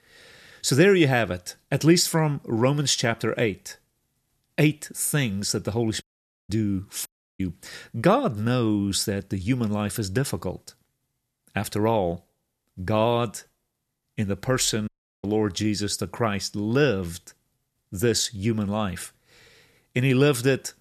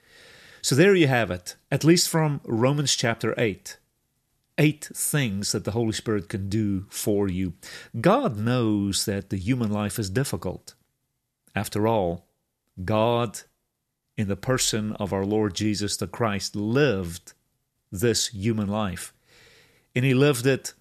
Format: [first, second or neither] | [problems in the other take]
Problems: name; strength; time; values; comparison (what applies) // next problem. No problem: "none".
second | audio cutting out; at 6 s, at 7 s and at 15 s